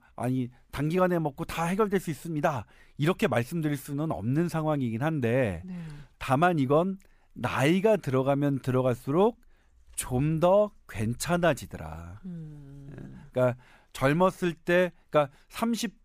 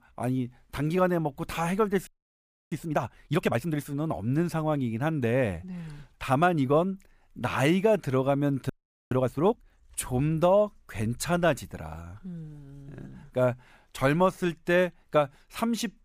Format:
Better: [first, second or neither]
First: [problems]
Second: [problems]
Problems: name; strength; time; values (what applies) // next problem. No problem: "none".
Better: first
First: none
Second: audio freezing; at 2 s for 0.5 s and at 8.5 s